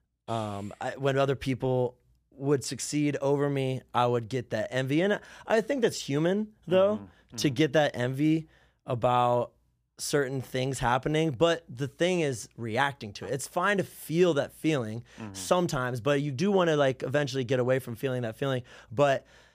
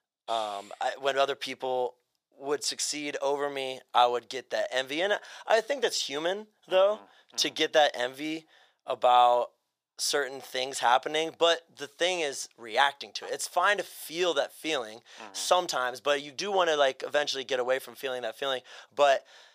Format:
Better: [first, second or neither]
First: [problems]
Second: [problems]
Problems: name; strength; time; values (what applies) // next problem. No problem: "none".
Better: first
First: none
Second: thin; very; fading below 650 Hz